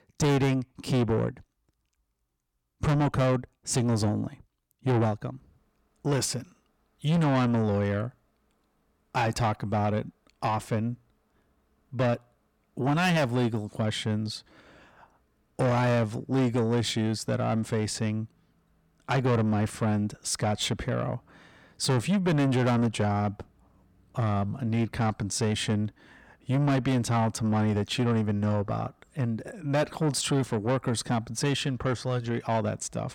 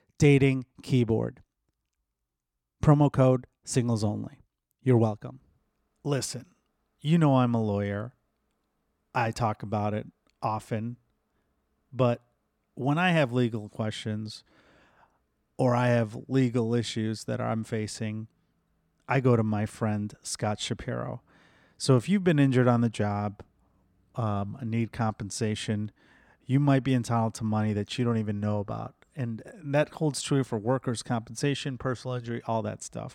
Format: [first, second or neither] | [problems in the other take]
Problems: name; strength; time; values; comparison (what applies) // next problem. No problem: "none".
second | distortion; heavy; 7 dB below the speech